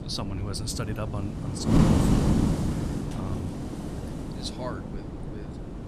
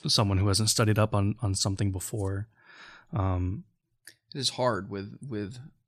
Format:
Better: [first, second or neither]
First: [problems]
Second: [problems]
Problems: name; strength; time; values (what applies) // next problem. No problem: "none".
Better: second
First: wind noise on the microphone; heavy; 4 dB above the speech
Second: none